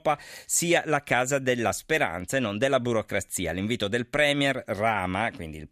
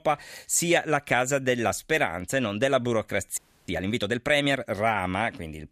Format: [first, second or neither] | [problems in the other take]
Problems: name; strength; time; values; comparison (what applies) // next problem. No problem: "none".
first | audio freezing; at 3.5 s